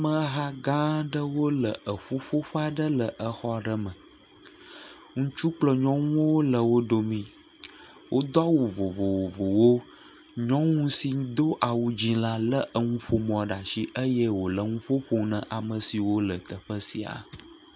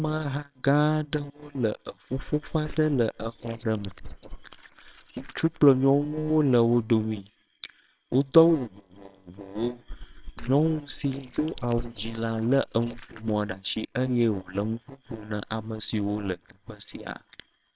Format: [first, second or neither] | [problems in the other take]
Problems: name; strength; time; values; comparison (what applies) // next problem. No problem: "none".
first | noise reduction (neural separator model SepFormer WHAMR!)